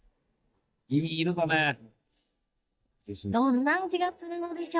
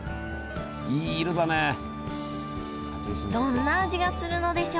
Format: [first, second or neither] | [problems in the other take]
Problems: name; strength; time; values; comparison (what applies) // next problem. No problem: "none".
second | noise reduction (neural mask model DeepFilterNet 3)